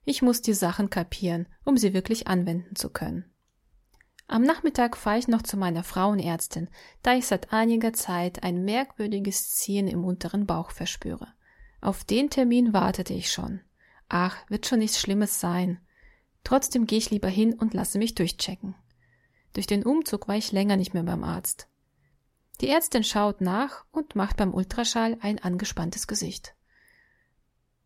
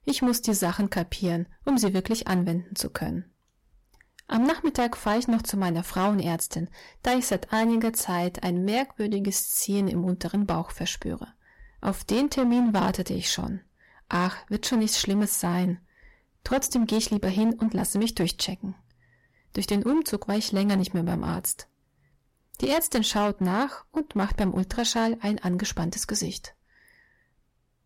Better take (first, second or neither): first